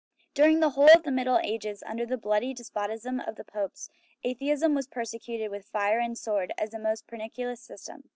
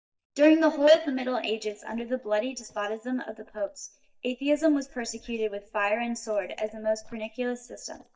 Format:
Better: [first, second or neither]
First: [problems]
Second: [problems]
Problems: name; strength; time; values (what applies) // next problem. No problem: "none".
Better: first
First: none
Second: noise reduction (neural mask model DeepFilterNet 3)